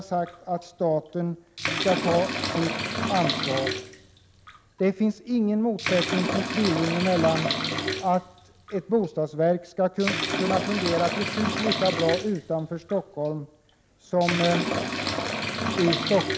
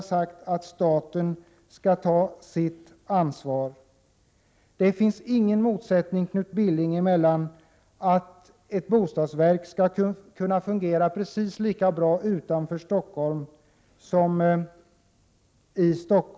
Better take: second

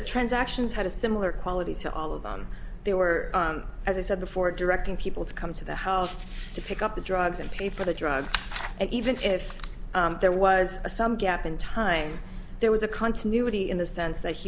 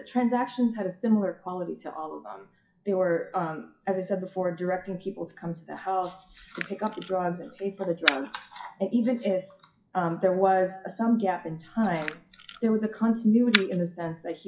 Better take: first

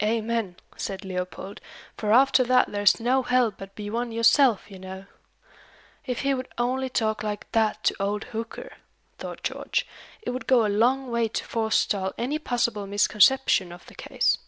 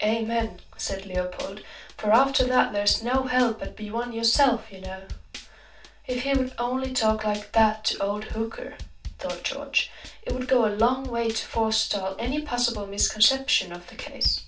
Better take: first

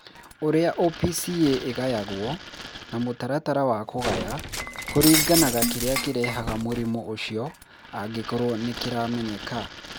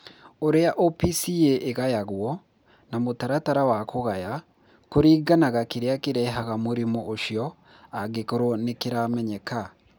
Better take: second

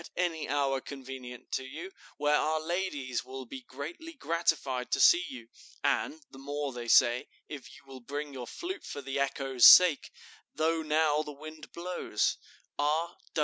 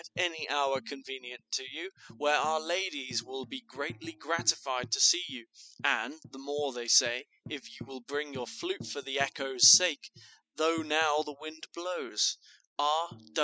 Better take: first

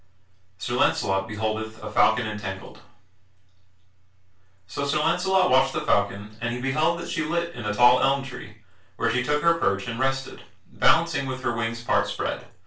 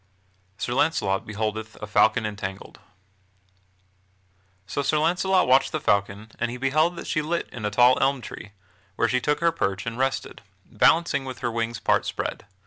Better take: second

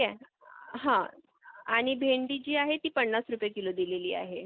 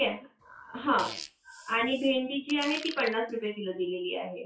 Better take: first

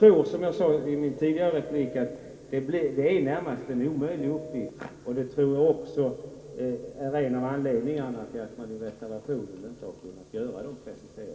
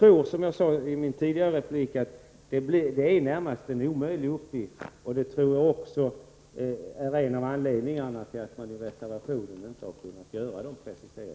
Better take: second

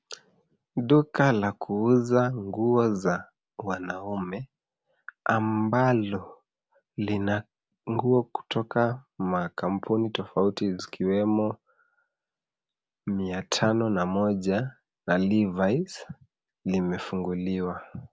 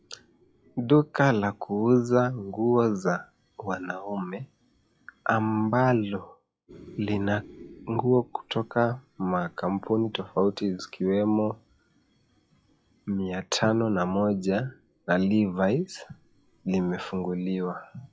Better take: first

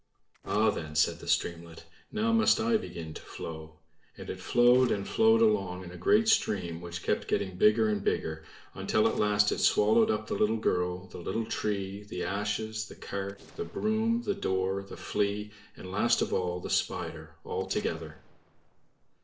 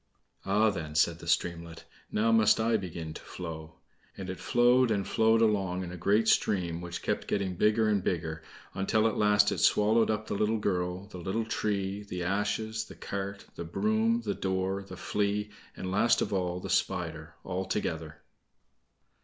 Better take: second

